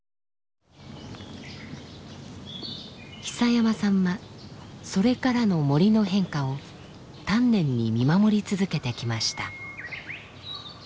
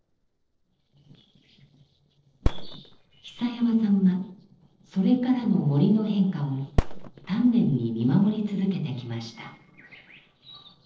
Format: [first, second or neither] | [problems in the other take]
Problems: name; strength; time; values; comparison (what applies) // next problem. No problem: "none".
first | noise reduction (neural separator model SepFormer DNS4)